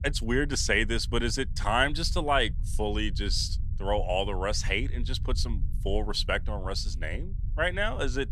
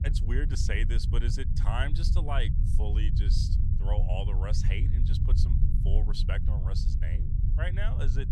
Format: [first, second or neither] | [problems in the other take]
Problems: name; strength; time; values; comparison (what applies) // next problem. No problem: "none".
first | low rumble; loud; throughout; 6 dB below the speech; faint in the first